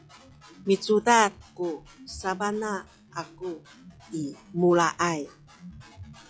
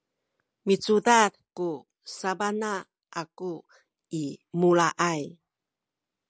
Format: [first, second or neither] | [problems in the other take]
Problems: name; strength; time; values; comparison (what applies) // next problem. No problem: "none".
second | noise reduction (classical method log-MMSE)